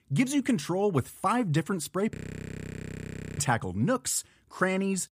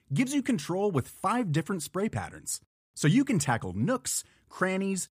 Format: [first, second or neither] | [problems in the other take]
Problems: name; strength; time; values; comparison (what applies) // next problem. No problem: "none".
second | audio freezing; at 2 s for 1 s